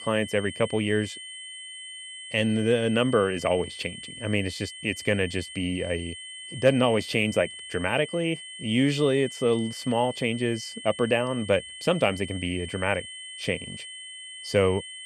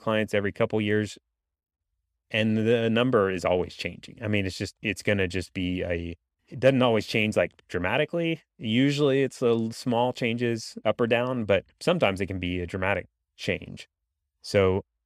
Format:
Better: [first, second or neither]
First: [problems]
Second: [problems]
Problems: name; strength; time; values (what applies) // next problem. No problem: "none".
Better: second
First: high-pitched whine; noticeable; throughout; 3 kHz, 10 dB below the speech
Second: none